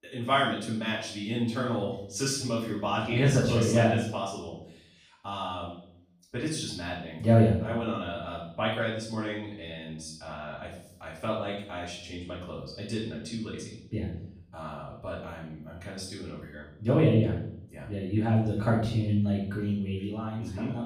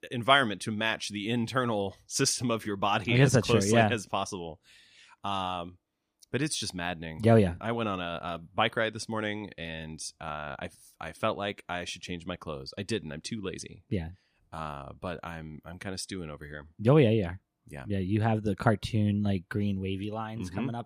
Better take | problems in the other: second | off-mic speech; far // room echo; noticeable; dies away in 0.6 s

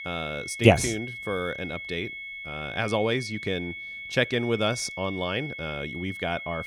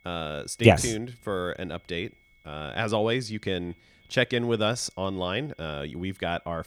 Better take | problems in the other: second | high-pitched whine; loud; throughout; 2 kHz, 8 dB below the speech; faint in the second

